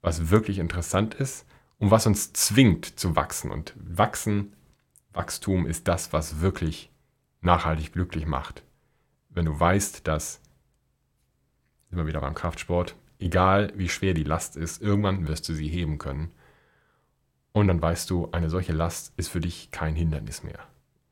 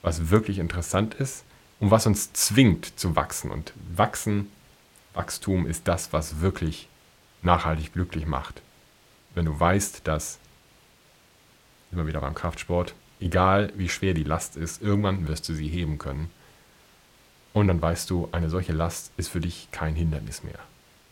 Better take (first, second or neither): first